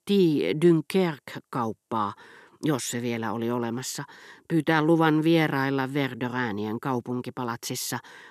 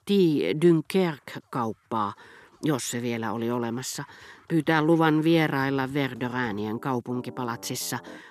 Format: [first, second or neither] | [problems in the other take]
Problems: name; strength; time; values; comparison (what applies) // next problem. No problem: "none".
first | background music; faint; throughout; 25 dB below the speech